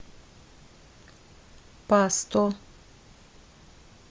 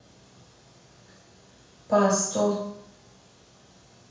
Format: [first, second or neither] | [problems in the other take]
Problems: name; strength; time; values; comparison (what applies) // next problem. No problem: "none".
first | room echo; dies away in 0.7 s